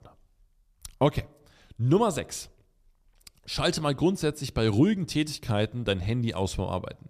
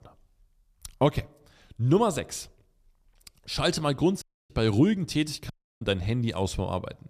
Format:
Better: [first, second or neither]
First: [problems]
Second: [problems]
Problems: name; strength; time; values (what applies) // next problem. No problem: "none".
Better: first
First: none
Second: audio cutting out; at 4 s and at 5.5 s